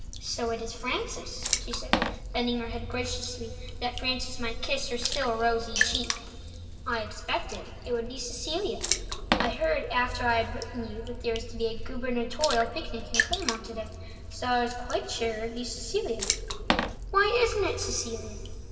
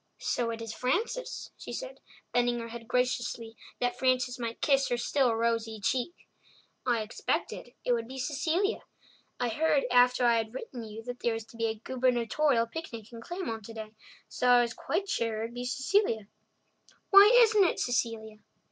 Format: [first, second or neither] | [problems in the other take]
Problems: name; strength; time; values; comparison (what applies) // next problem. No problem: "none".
second | background sound (Water / Splash, splatter); 2 dB below the speech // room echo; dies away in 2.3 s